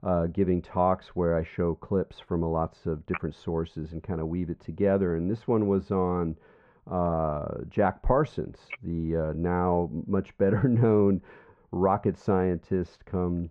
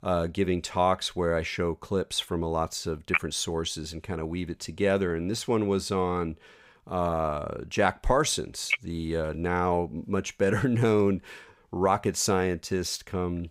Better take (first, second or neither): second